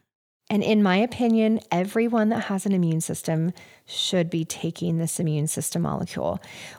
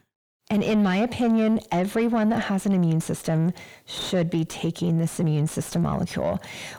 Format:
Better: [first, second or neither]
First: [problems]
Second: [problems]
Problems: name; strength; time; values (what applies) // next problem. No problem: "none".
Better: first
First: none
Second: distortion; slight; 10 dB below the speech